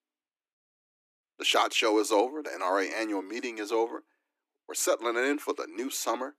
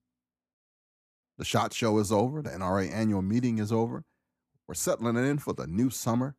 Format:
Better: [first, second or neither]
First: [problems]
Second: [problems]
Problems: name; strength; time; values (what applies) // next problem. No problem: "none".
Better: second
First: thin; somewhat; fading below 300 Hz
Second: none